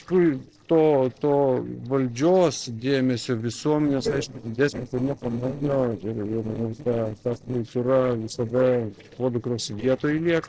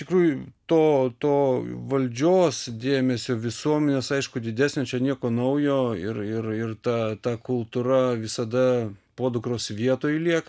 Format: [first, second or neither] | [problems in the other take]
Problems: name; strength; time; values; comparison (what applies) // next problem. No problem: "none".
second | noise reduction (neural separator model SepFormer DNS4)